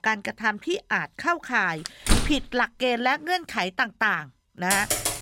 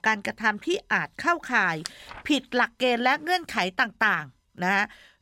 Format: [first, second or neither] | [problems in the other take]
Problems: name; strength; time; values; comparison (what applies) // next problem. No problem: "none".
second | door banging; loud; at 2 s; peak 1 dB above the speech // keyboard typing; loud; at 4.5 s; peak 1 dB above the speech